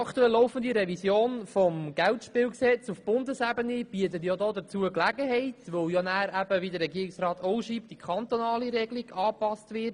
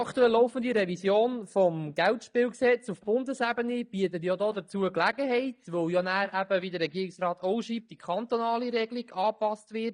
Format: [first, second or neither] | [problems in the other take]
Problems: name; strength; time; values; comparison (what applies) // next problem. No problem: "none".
first | noise reduction (neural mask model DeepFilterNet 3)